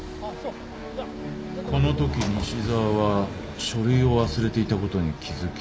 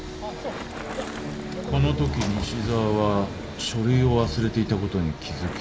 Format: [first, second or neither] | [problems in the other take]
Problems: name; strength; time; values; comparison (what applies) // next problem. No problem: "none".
first | background sound (Sawing + Bicycle); 16 dB below the speech